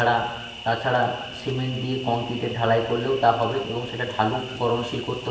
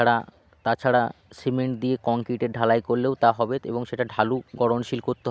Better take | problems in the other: second | background sound (Cricket); 14 dB below the speech // room echo; dies away in 1.4 s

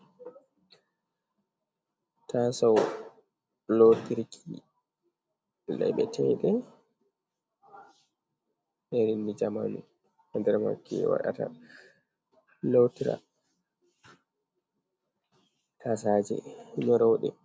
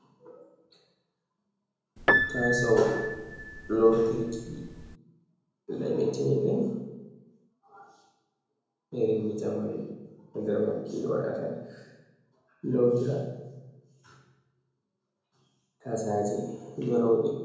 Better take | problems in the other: first | background sound (Piano); 1 dB below the speech // room echo; dies away in 0.9 s

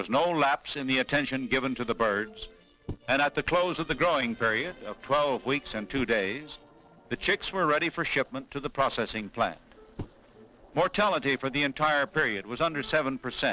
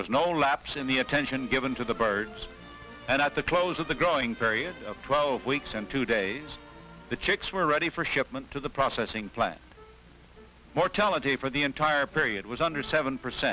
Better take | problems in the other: second | noise reduction (neural separator model SepFormer DNS4)

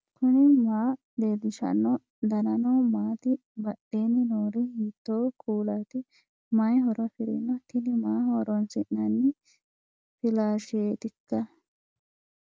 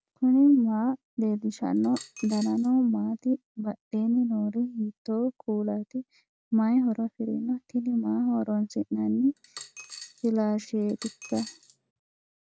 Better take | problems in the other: first | background sound (Coin (dropping)); 18 dB below the speech

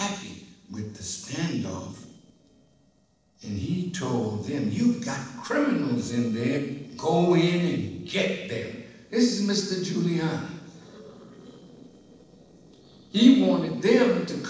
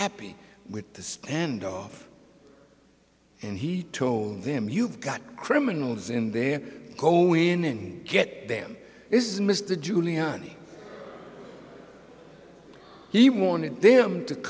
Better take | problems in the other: second | noise reduction (neural separator model SepFormer DNS4)

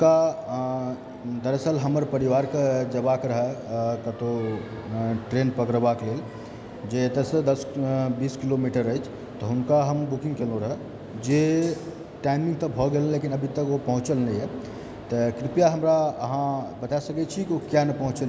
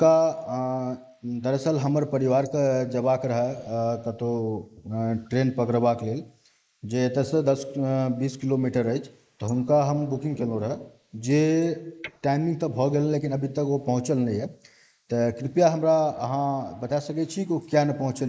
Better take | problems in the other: first | noise reduction (neural mask model Resemble Enhance denoiser)

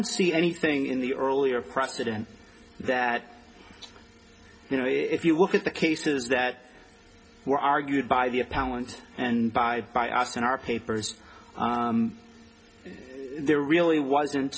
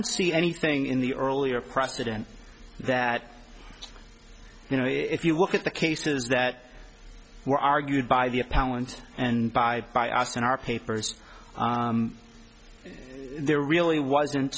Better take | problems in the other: second | room echo; dies away in 0.3 s

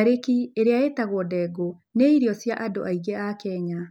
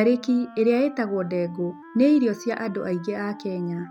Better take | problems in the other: first | background sound (Wind instrument, woodwind instrument); 20 dB below the speech

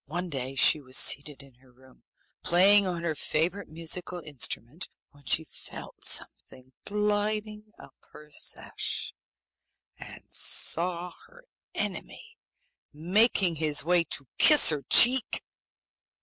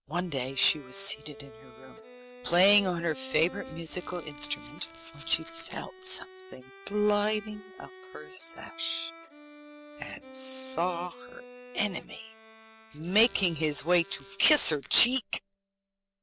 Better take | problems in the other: first | background sound (Squeak + Bowed string instrument); 16 dB below the speech

